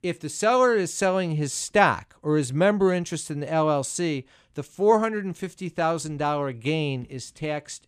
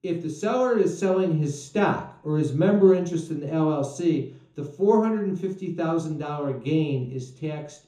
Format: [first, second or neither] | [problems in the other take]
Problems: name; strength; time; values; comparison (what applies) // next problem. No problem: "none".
first | room echo; slight; dies away in 0.5 s // off-mic speech; far